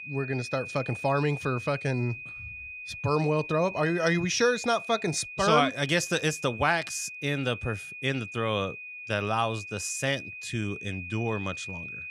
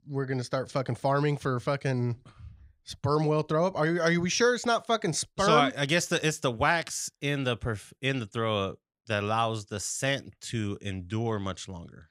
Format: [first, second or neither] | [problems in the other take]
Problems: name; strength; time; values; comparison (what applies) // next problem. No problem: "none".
second | high-pitched whine; loud; throughout; 2.5 kHz, 10 dB below the speech